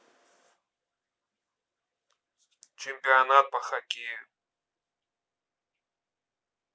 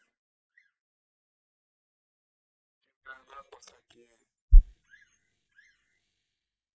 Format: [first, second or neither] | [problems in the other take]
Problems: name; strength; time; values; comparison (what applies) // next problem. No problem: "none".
first | noise reduction (neural mask model DeepFilterNet 3)